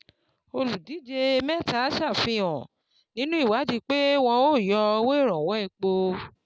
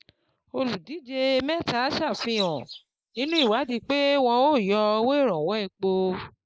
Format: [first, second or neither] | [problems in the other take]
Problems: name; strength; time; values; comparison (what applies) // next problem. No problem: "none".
first | noise reduction (neural mask model Resemble Enhance denoiser)